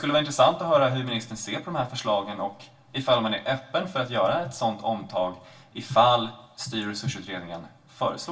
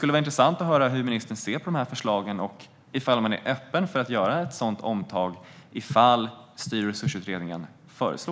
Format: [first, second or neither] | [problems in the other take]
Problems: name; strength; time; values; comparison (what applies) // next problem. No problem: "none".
second | room echo; dies away in 0.2 s